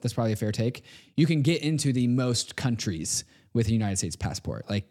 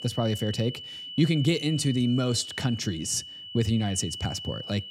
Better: first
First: none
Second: high-pitched whine; loud; throughout; 3 kHz, 10 dB below the speech

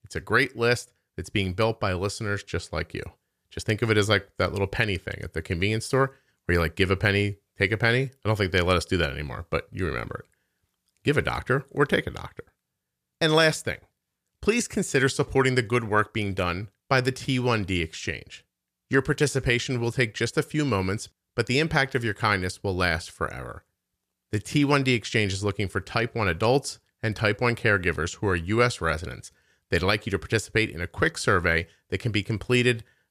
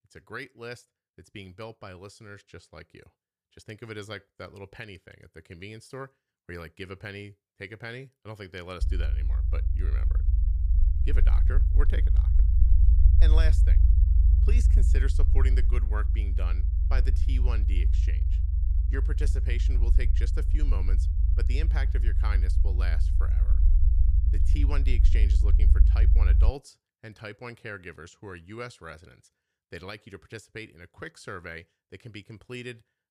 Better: first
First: none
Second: low rumble; loud; from 9 to 27 s; 5 dB below the speech

